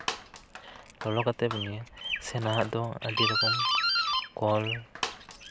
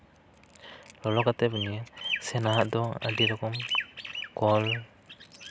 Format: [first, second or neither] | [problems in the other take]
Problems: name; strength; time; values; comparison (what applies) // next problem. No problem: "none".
second | background sound (Doorbell); 2 dB below the speech